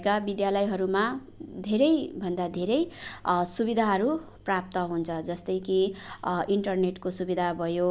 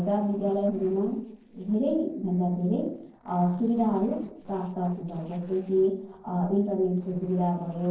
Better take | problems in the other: first | noise reduction (neural separator model SepFormer DNS4)

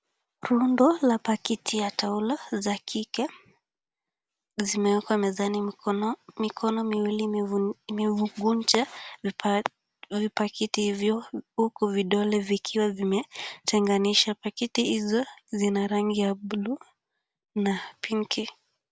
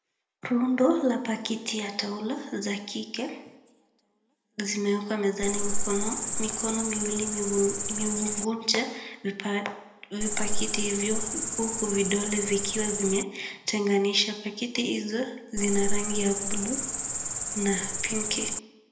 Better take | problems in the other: first | background sound (Cricket); 1 dB above the speech // room echo; dies away in 0.7 s

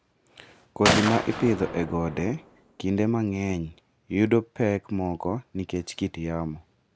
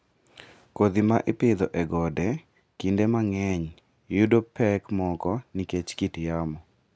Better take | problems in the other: second | background sound (Gunshot, gunfire); 3 dB below the speech

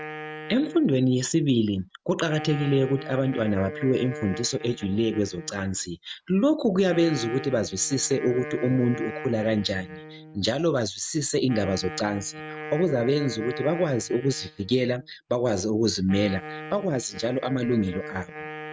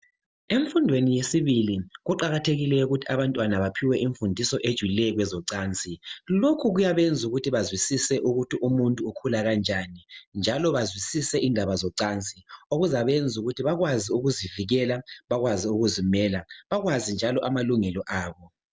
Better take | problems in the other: second | noise reduction (neural mask model RNNoise)

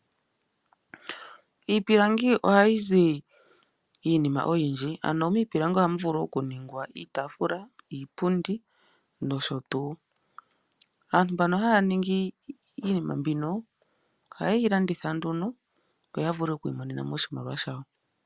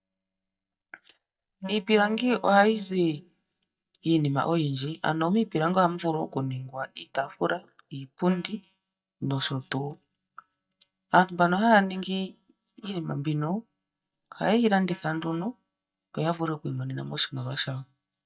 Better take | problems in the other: first | noise reduction (neural mask model DeepFilterNet 3)

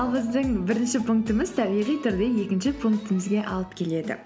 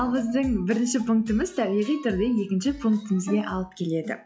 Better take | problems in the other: first | noise reduction (classical method log-MMSE)

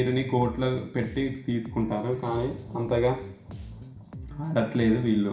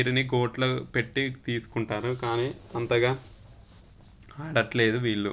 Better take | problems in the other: second | background sound (Bass guitar); 14 dB below the speech // room echo; dies away in 0.5 s

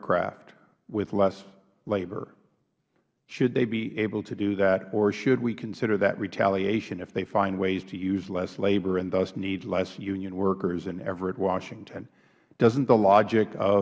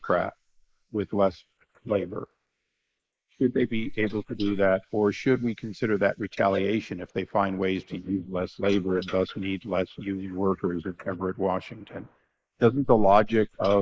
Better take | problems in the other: first | noise reduction (neural mask model Resemble Enhance denoiser)

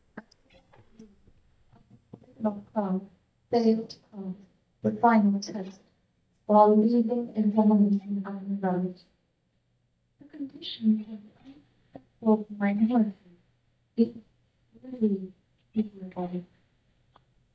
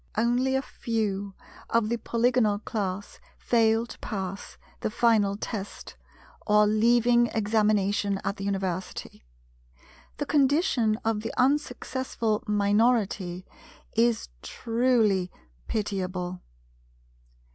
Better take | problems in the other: second | noise reduction (neural mask model DeepFilterNet 3)

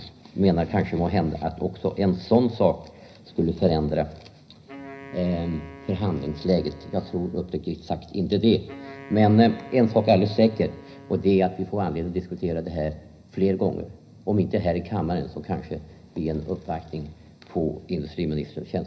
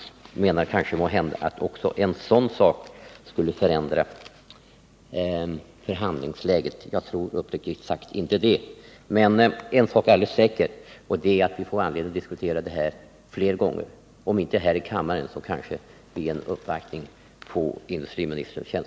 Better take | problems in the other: second | background sound (Wind instrument, woodwind instrument); 20 dB below the speech // room echo; dies away in 0.5 s

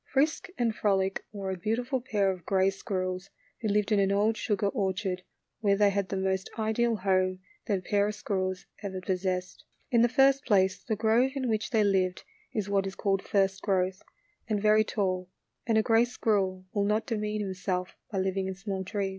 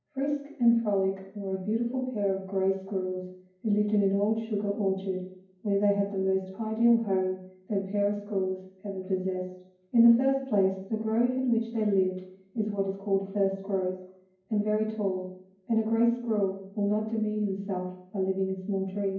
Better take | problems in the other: first | room echo; dies away in 0.9 s

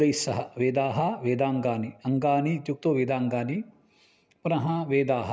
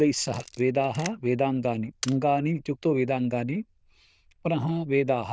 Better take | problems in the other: first | noise reduction (neural diffusion model UNIVERSE++)

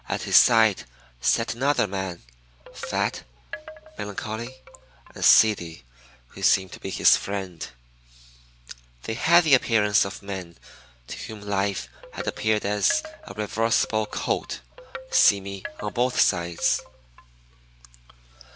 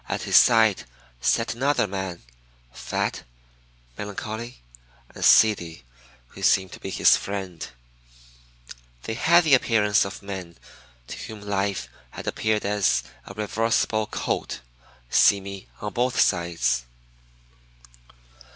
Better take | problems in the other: second | background sound (Wind chime); 15 dB below the speech

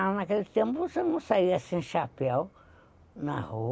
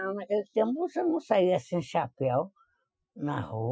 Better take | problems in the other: first | noise reduction (classical method Wiener filter)

